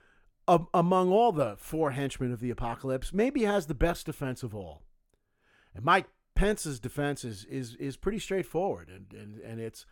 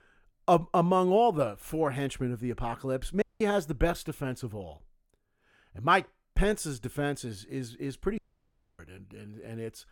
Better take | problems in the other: first | audio cutting out; at 3 s and at 8 s for 0.5 s

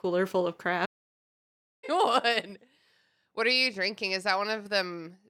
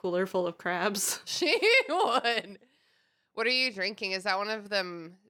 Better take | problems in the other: second | audio cutting out; at 1 s for 1 s

